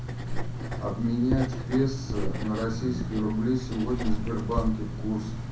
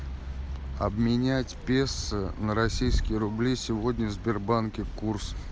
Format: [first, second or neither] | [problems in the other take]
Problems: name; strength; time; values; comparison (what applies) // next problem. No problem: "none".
second | background sound (Writing); 2 dB below the speech // room echo; dies away in 0.6 s